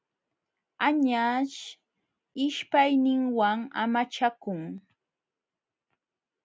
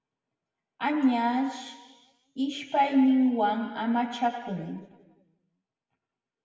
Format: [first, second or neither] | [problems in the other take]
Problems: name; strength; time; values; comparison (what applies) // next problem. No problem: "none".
first | room echo; dies away in 1.4 s